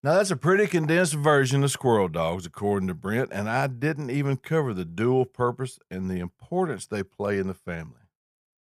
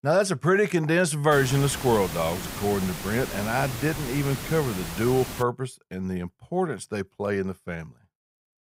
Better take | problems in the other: first | hiss; loud; from 1.5 to 5.5 s; 8 dB below the speech

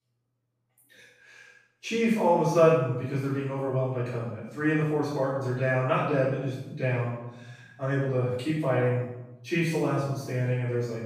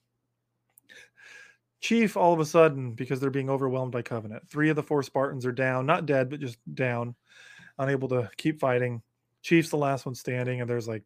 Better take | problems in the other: second | off-mic speech; far // room echo; strong; dies away in 0.8 s

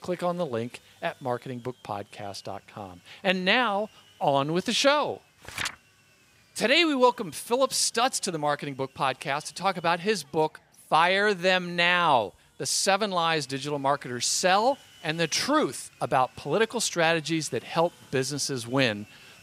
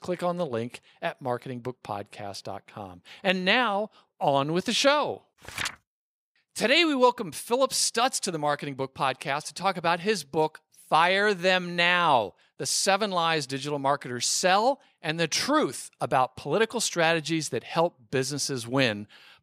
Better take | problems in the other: second | machinery noise; faint; throughout; 30 dB below the speech

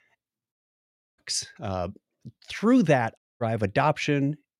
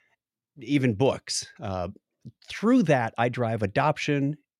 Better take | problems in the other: second | audio cutting out; at 0.5 s for 0.5 s and at 3 s

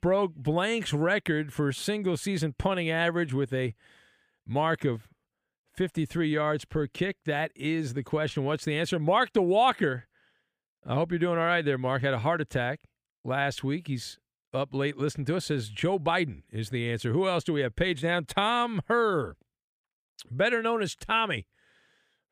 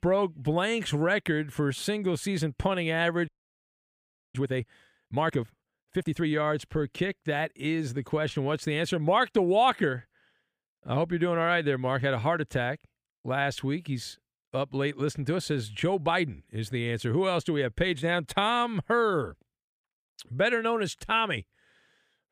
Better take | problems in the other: first | audio freezing; at 3.5 s for 1 s

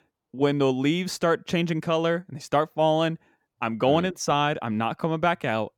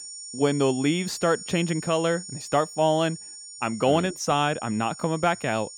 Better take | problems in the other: first | high-pitched whine; noticeable; throughout; 7 kHz, 15 dB below the speech

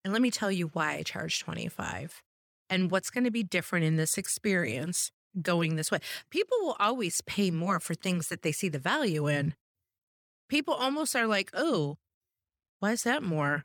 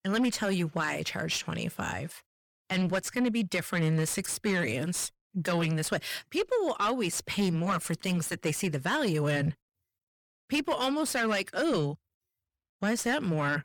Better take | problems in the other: first | distortion; slight; 10 dB below the speech

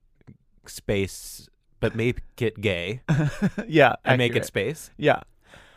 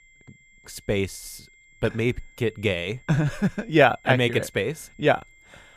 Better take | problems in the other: first | high-pitched whine; faint; throughout; 2 kHz, 30 dB below the speech

